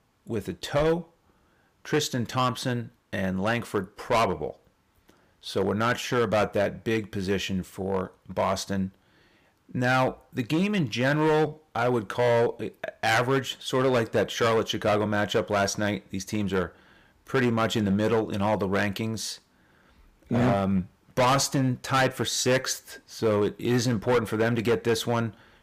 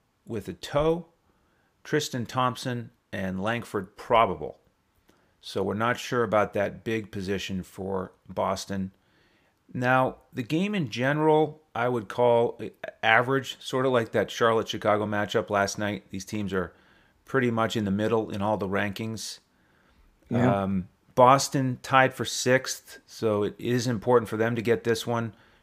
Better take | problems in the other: second | distortion; heavy; 6% of the sound clipped

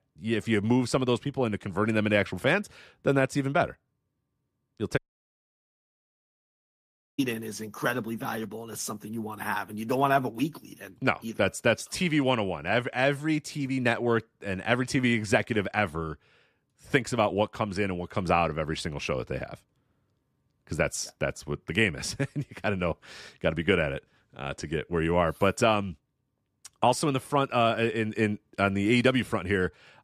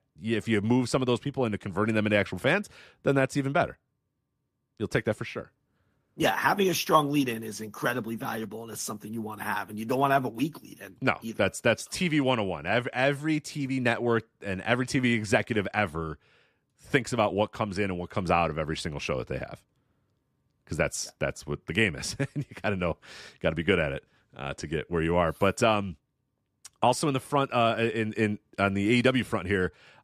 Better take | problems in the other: second | audio cutting out; at 5 s for 2 s

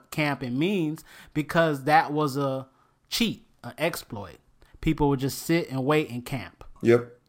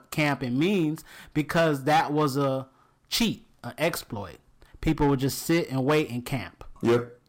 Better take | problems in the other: first | distortion; slight; 5% of the sound clipped

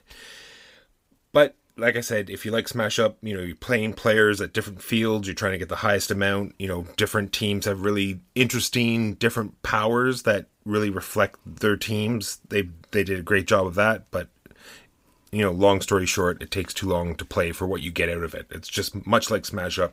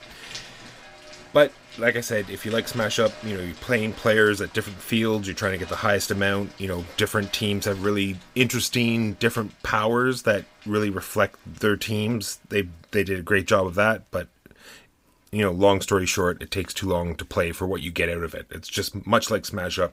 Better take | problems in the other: first | rain or running water; noticeable; throughout; 20 dB below the speech

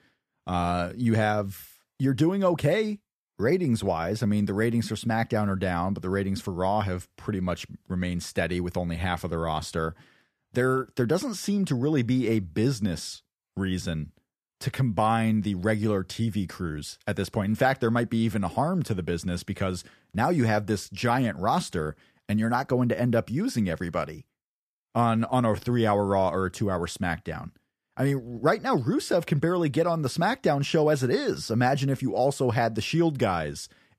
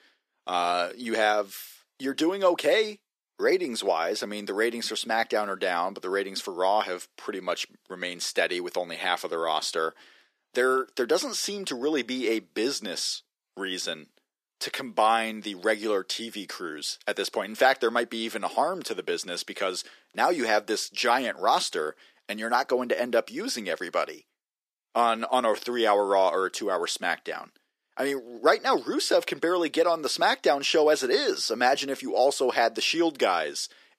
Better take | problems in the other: first | thin; very; fading below 350 Hz

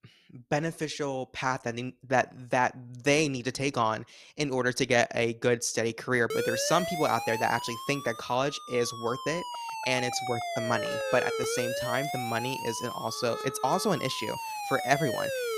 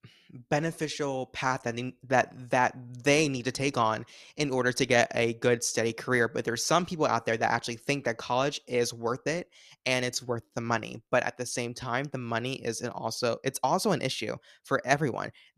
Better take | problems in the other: second | siren; noticeable; from 6.5 s on; peak 2 dB below the speech

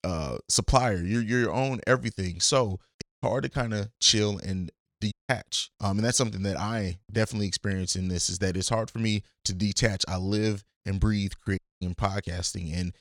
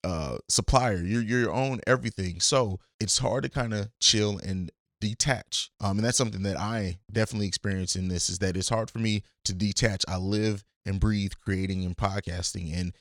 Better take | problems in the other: second | audio cutting out; at 3 s, at 5 s and at 12 s

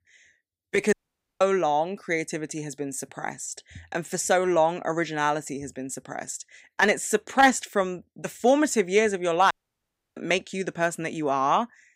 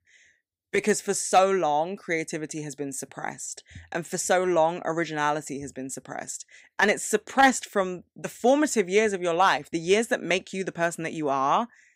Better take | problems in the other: second | audio cutting out; at 1 s and at 9.5 s for 0.5 s

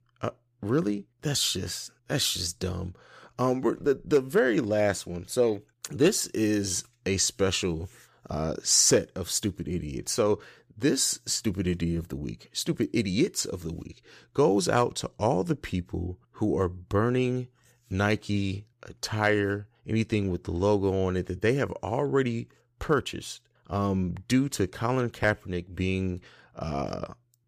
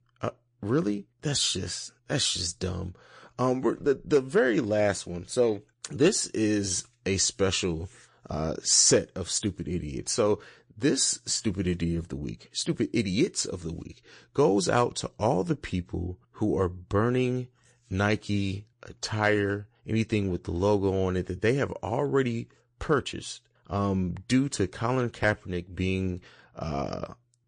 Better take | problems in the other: first | garbled, watery; slightly; nothing above 9 kHz

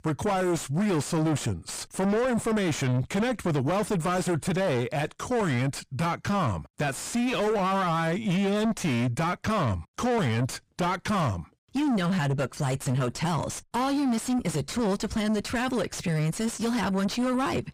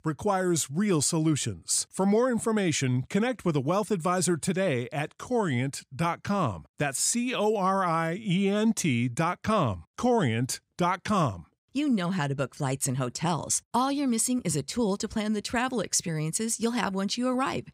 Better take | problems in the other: second | distortion; heavy; 5 dB below the speech

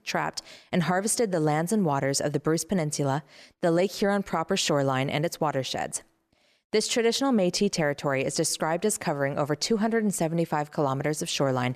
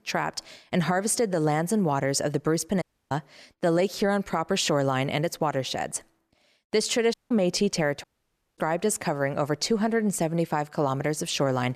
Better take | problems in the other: first | audio cutting out; at 3 s, at 7 s and at 8 s for 0.5 s

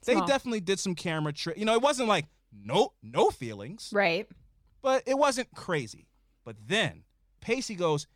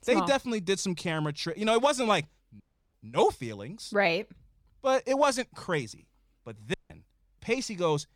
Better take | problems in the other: first | audio cutting out; at 2.5 s and at 6.5 s

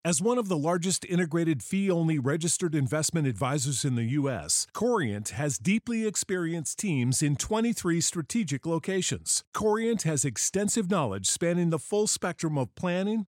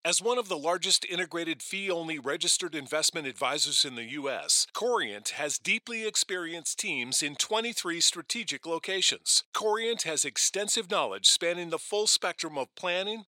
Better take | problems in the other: first | thin; very; fading below 550 Hz

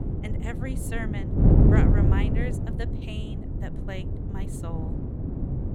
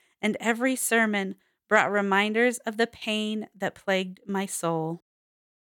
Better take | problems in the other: second | wind noise on the microphone; heavy; 3 dB above the speech

